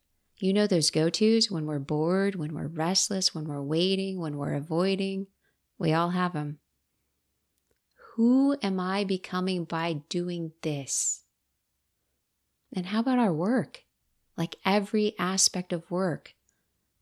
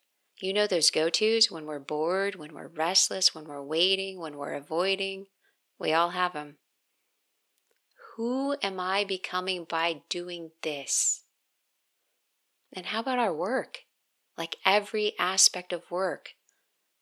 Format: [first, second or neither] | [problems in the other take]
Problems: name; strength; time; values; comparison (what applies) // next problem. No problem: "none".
first | thin; somewhat; fading below 550 Hz